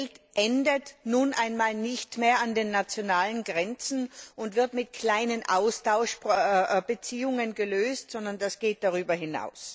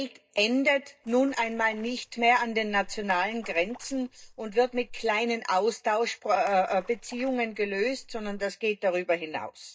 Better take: first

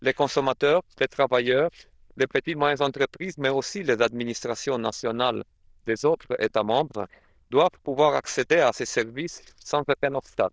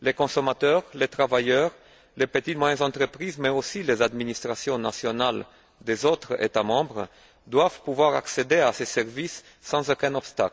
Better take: second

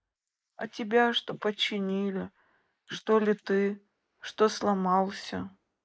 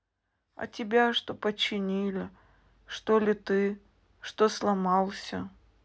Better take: second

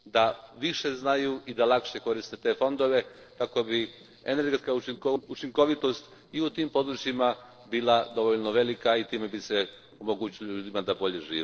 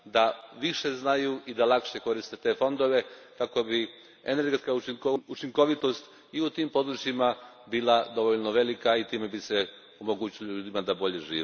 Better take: second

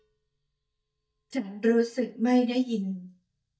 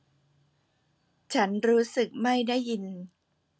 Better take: second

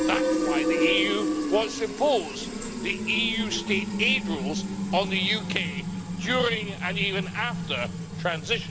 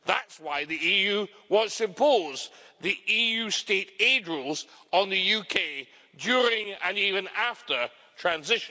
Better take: second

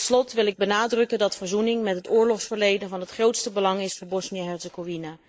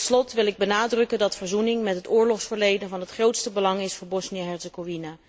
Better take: second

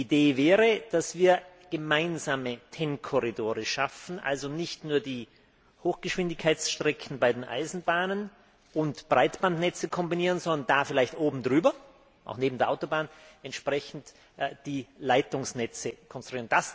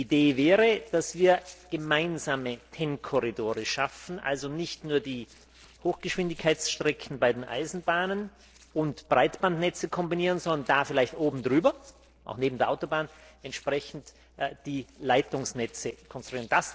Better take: first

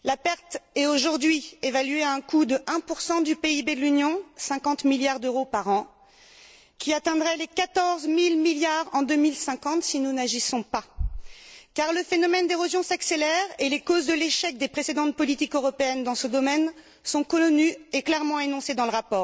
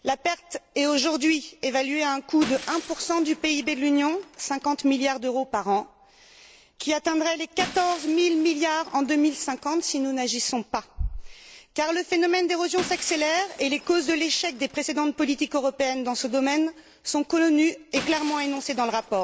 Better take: first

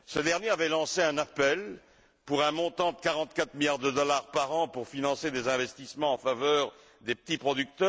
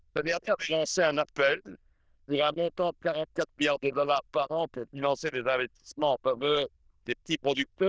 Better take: first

